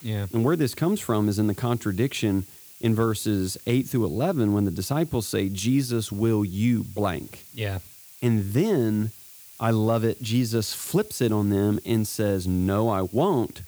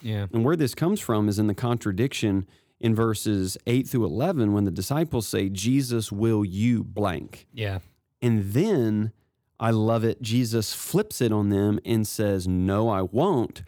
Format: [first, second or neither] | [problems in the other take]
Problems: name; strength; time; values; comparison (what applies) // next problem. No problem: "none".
second | hiss; noticeable; throughout; 20 dB below the speech